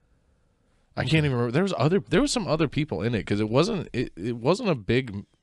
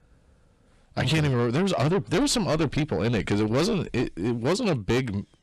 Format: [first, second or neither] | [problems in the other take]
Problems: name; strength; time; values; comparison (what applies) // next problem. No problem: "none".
first | distortion; heavy; 7 dB below the speech